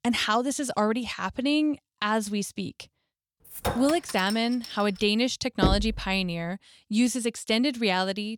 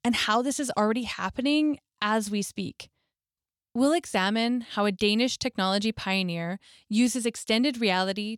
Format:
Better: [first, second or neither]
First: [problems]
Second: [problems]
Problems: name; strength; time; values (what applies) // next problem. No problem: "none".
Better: second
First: clattering dishes; noticeable; from 3.5 to 5 s; peak 5 dB below the speech // door banging; noticeable; at 5.5 s; peak 1 dB below the speech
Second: none